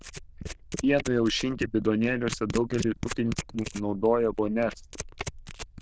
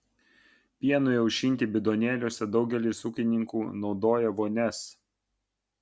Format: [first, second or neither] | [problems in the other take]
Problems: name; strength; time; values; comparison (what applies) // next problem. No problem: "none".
second | noise reduction (neural diffusion model UNIVERSE++)